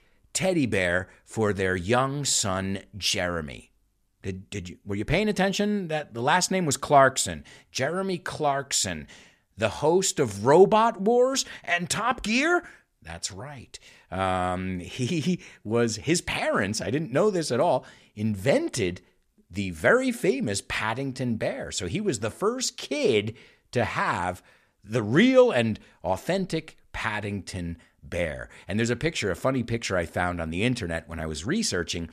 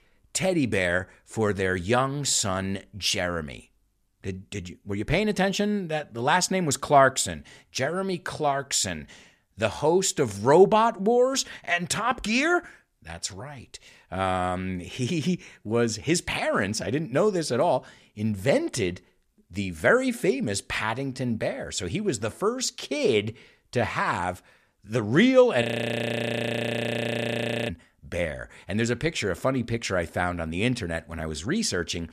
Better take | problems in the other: first | audio freezing; at 26 s for 2 s

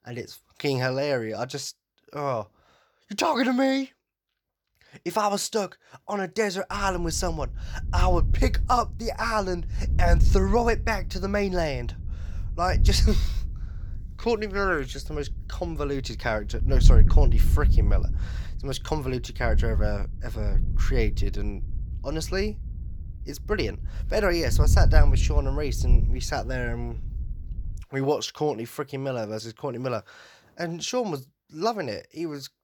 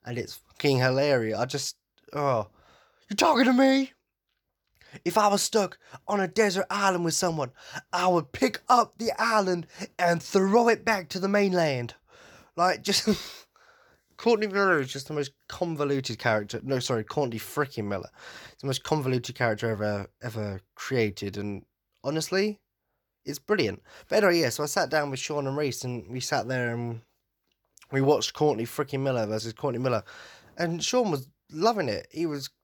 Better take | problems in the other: second | wind noise on the microphone; occasional gusts; from 6.5 to 28 s; 15 dB below the speech

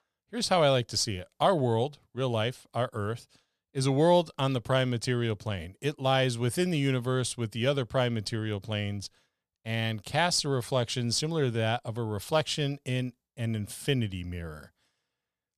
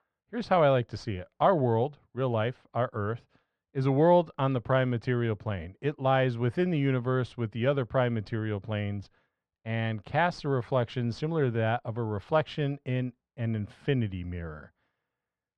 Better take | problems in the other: first | muffled; very; fading above 1.5 kHz

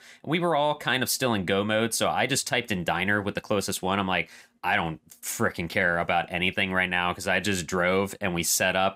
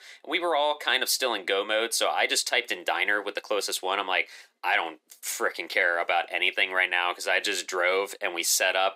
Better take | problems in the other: first | thin; very; fading below 350 Hz

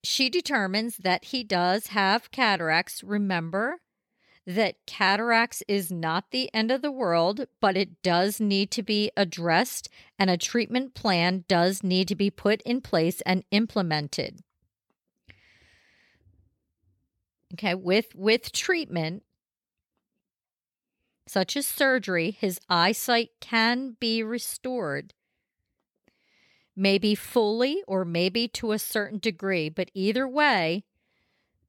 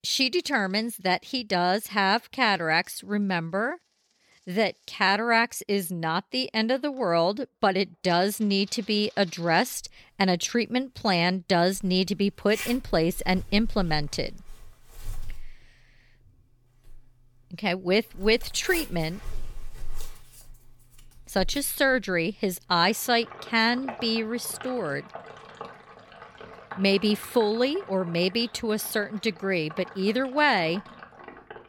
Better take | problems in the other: first | household noises; noticeable; throughout; 20 dB below the speech

